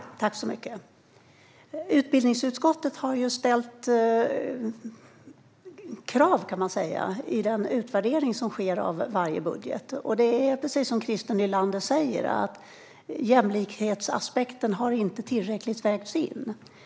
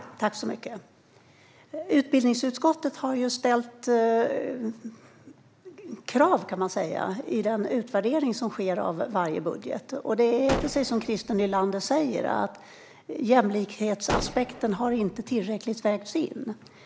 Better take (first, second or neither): first